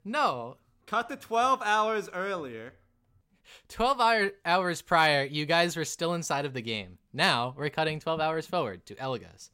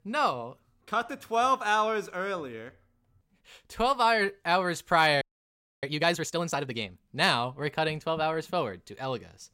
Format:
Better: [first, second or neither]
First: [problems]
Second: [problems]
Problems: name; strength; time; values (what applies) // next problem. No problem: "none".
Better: first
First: none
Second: audio freezing; at 5 s for 0.5 s